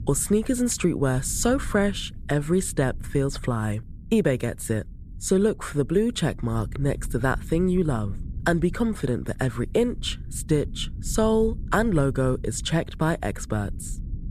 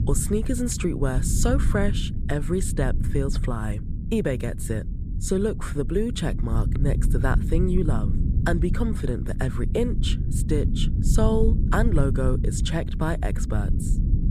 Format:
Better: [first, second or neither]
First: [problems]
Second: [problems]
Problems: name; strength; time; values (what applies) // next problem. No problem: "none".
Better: first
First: low rumble; faint; throughout; 25 dB below the speech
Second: low rumble; loud; throughout; 10 dB below the speech